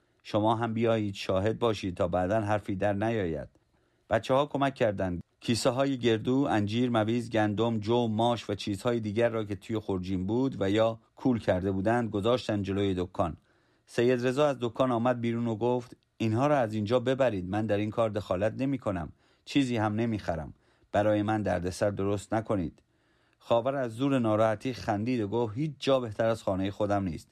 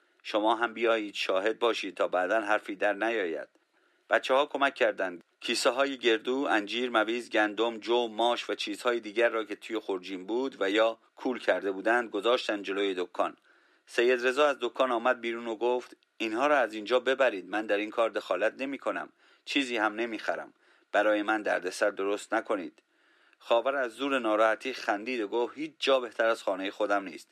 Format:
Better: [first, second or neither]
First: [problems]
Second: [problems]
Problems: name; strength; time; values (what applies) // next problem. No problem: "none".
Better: first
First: none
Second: thin; somewhat; fading below 350 Hz